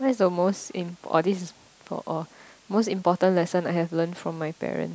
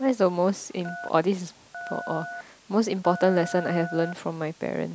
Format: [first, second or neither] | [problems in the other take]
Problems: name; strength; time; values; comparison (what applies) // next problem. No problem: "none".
first | background sound (Telephone); 12 dB below the speech